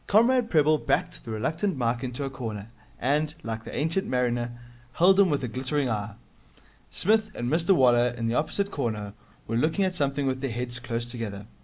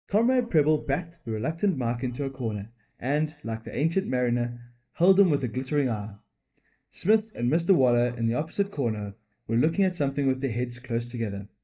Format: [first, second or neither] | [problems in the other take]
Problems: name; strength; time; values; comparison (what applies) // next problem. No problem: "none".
first | noise reduction (neural mask model DeepFilterNet 3)